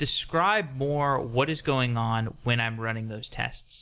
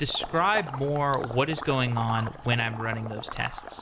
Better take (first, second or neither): first